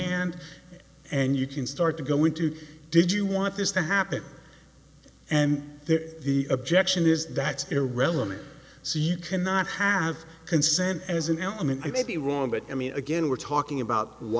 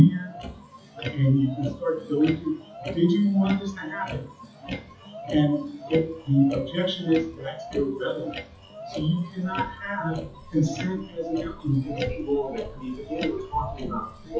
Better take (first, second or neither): first